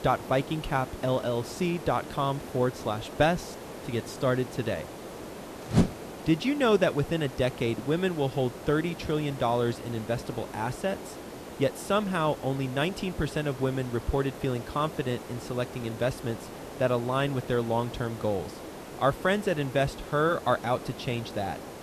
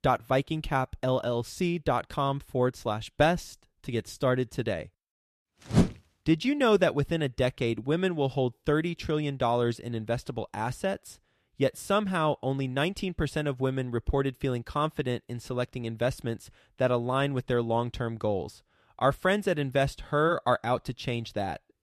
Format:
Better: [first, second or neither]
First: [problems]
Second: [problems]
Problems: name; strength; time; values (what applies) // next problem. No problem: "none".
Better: second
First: hiss; noticeable; throughout; 10 dB below the speech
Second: none